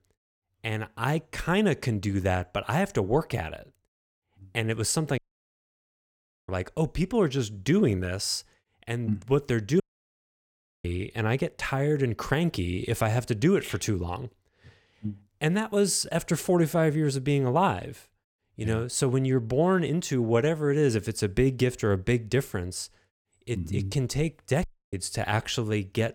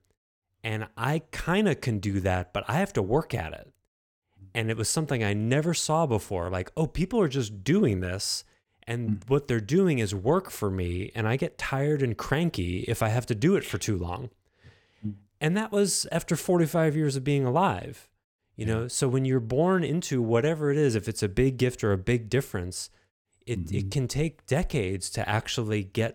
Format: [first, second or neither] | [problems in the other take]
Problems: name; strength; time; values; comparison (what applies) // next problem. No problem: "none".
second | audio cutting out; at 5 s for 1.5 s, at 10 s for 1 s and at 25 s